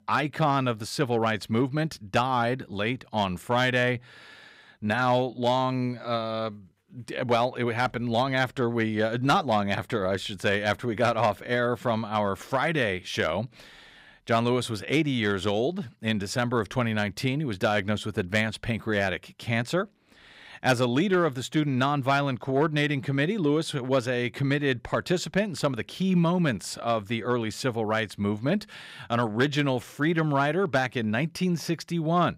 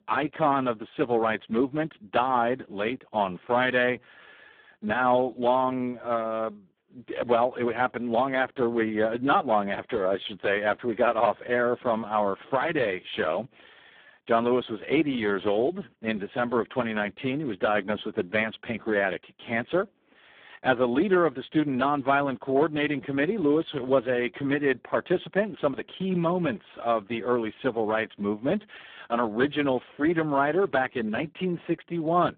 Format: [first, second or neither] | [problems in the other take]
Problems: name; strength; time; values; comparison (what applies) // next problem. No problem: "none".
first | phone-call audio; poor line